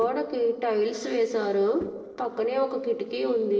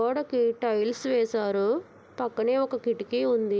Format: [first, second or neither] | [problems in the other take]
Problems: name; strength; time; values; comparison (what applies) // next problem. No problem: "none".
second | noise reduction (neural separator model SepFormer DNS4)